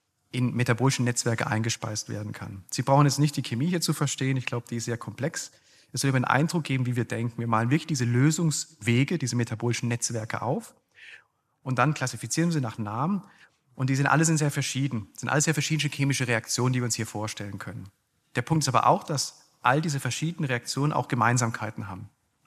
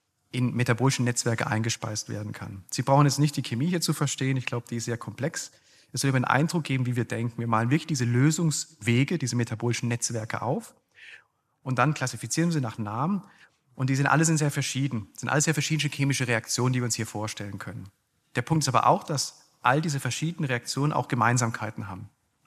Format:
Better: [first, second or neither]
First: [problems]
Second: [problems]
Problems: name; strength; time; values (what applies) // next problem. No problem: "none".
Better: neither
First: none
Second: none